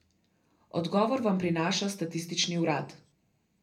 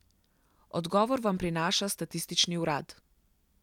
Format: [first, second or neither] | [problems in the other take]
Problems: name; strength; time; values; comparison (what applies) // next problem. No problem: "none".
second | room echo; dies away in 0.3 s